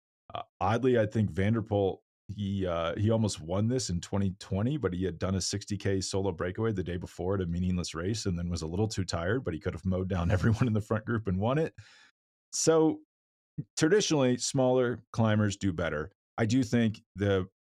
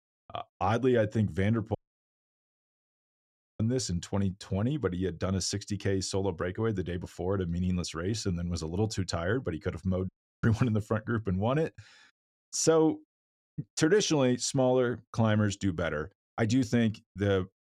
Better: first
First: none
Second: audio cutting out; at 2 s for 2 s and at 10 s

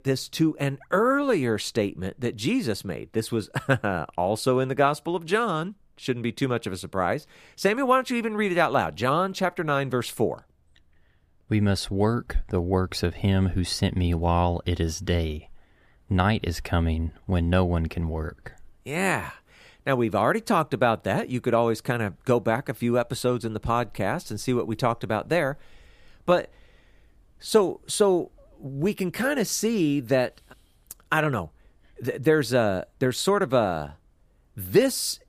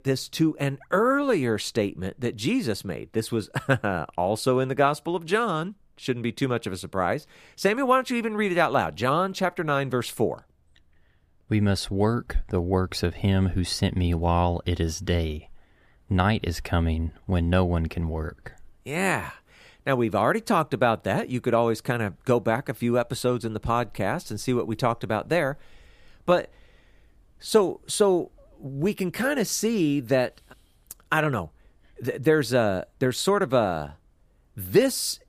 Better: neither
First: none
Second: none

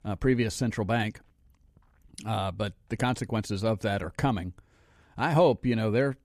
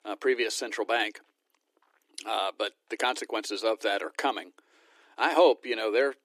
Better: first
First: none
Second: thin; very; fading below 300 Hz

